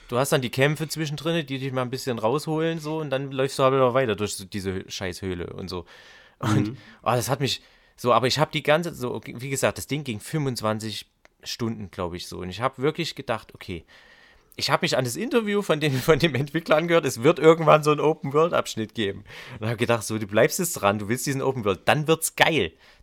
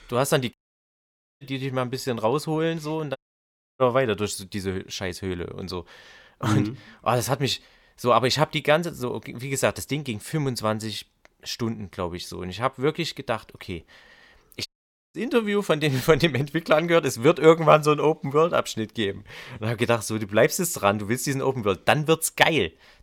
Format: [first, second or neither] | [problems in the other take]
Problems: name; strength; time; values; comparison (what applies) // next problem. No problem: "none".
first | audio cutting out; at 0.5 s for 1 s, at 3 s for 0.5 s and at 15 s